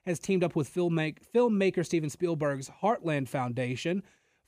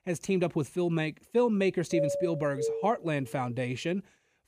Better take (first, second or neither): first